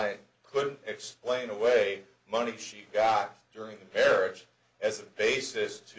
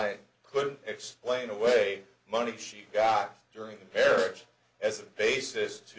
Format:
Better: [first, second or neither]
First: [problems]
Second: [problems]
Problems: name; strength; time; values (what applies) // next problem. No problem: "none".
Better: first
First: none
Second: background sound (Snare drum); 17 dB below the speech